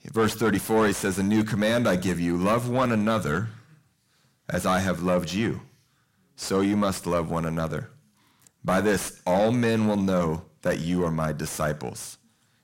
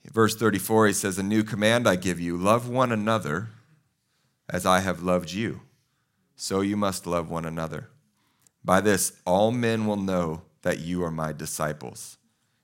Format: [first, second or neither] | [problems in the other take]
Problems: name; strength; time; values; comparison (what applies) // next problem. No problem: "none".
second | distortion; heavy; 7 dB below the speech